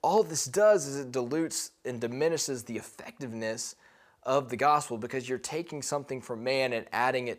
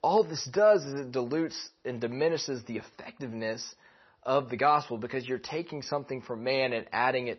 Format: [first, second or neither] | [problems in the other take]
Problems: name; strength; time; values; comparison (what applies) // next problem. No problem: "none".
first | garbled, watery; slightly; nothing above 6 kHz